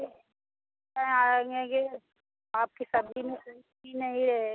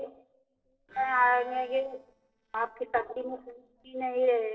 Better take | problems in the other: first | noise reduction (neural separator model SepFormer DNS4)

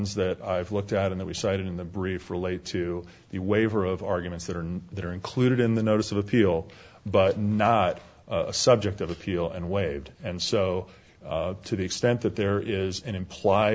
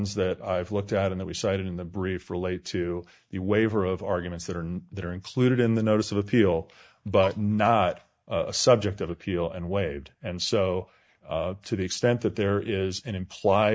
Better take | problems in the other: first | noise reduction (neural mask model DeepFilterNet 3)

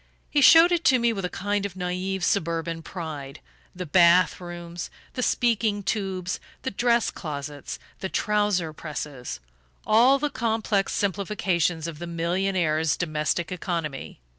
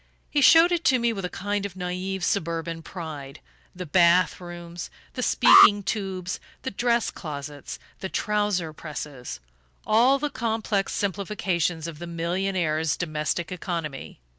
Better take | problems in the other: first | background sound (Alarm); 4 dB above the speech

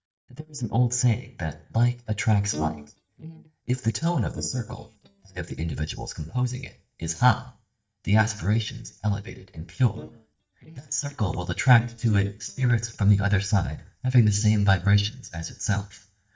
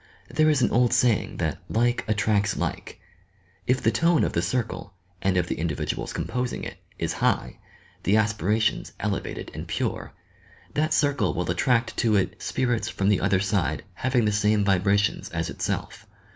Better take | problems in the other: second | noise reduction (neural mask model DeepFilterNet 3)

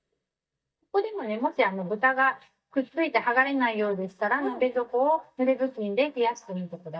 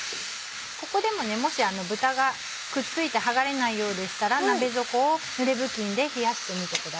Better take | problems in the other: second | noise reduction (neural mask model DeepFilterNet 3)

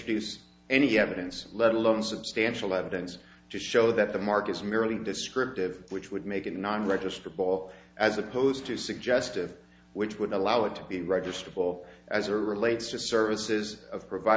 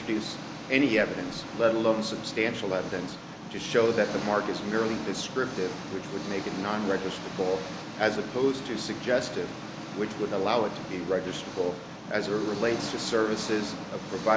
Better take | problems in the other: first | background sound (Engine); 9 dB below the speech

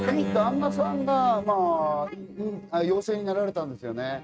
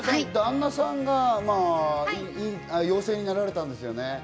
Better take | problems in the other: second | noise reduction (neural mask model RNNoise)

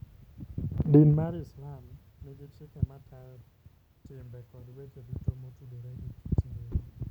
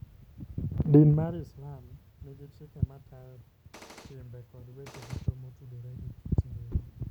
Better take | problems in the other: first | background sound (Gunshot, gunfire); 19 dB below the speech

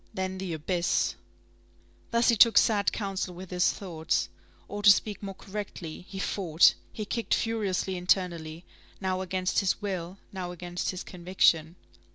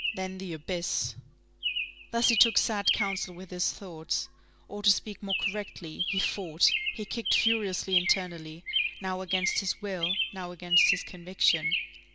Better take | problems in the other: first | background sound (Chirp, tweet); 1 dB below the speech

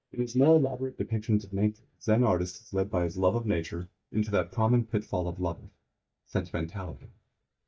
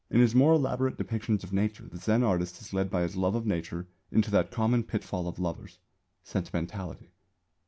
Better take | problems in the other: second | noise reduction (neural mask model DeepFilterNet 3)

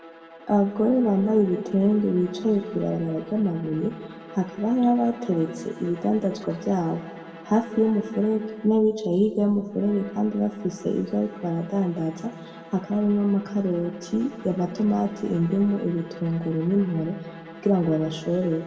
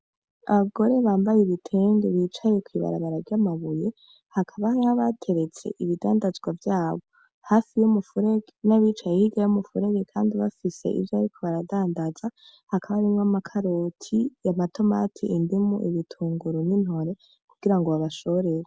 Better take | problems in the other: second | background sound (Bowed string instrument); 19 dB below the speech // room echo; dies away in 1.4 s

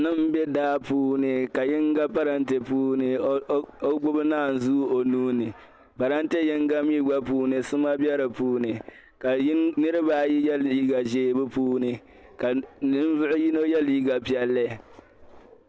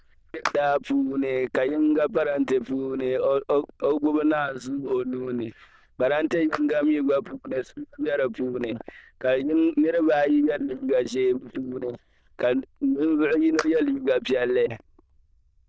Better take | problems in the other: first | noise reduction (neural diffusion model UNIVERSE++)

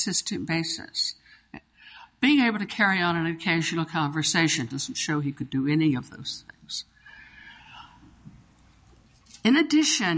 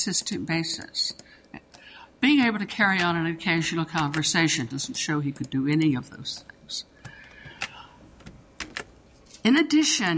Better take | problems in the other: first | background sound (Computer keyboard); 19 dB below the speech

